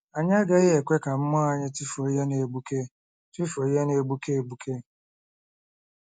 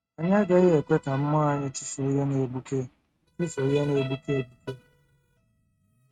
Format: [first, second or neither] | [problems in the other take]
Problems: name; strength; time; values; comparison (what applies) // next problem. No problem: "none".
first | noise reduction (neural mask model RNNoise)